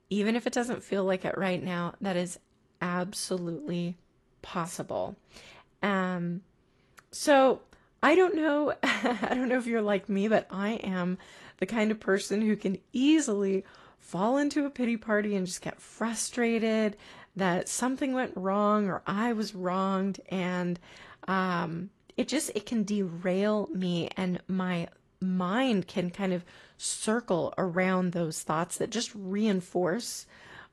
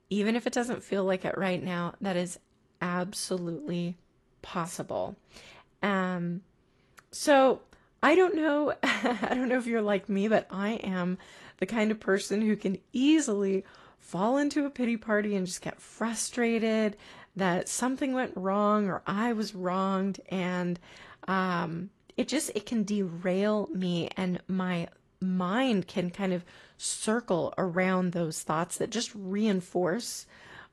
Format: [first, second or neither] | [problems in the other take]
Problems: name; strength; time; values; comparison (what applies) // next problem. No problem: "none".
neither | garbled, watery; slightly; nothing above 11.5 kHz; the same in both